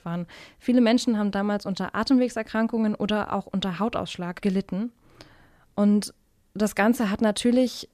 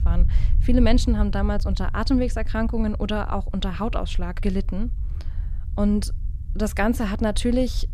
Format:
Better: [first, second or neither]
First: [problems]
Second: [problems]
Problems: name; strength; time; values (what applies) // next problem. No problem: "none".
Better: first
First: none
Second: low rumble; faint; throughout; 20 dB below the speech